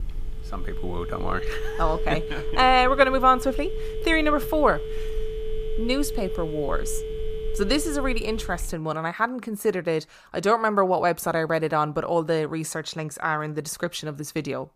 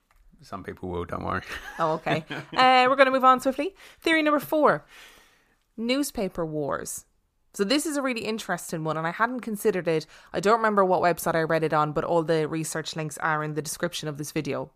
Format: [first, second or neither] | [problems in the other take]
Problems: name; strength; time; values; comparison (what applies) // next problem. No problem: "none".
second | phone ringing; noticeable; until 8.5 s; peak 6 dB below the speech